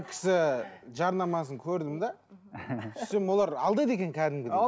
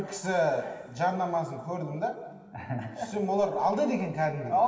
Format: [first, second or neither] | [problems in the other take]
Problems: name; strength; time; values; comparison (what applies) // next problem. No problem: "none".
first | room echo; dies away in 2.1 s